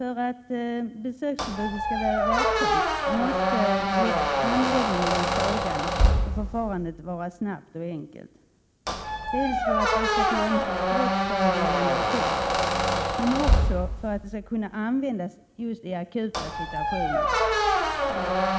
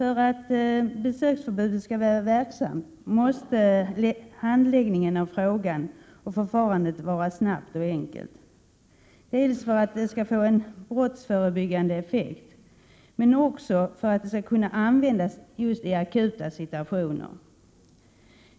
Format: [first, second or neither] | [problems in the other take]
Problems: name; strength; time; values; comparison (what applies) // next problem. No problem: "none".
second | background sound (Squeak); 5 dB above the speech